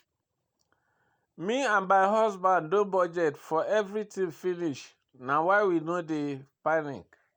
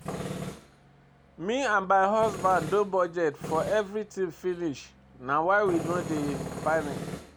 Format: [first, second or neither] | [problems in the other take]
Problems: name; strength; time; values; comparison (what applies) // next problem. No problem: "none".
first | background sound (Tools); 11 dB below the speech